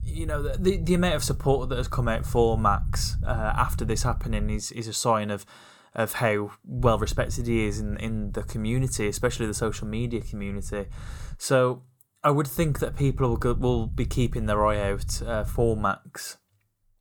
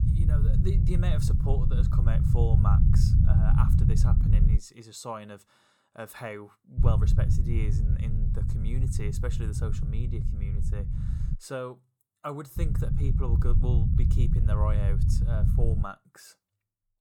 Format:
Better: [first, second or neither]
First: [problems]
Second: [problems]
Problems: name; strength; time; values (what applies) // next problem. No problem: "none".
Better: first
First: low rumble; faint; until 4.5 s, from 7 to 11 s and from 13 to 16 s; 25 dB below the speech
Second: low rumble; loud; until 4.5 s, from 7 to 11 s and from 13 to 16 s; as loud as the speech